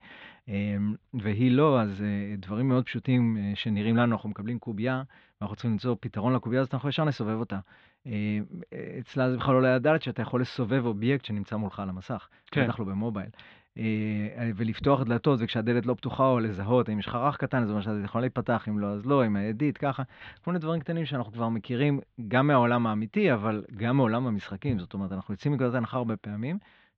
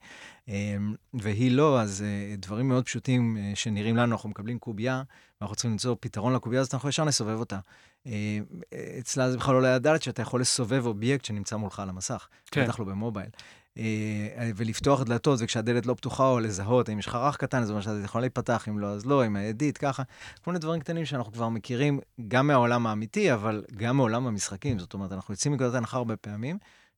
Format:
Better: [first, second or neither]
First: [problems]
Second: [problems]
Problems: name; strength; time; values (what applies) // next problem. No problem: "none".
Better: second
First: muffled; very; fading above 3.5 kHz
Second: none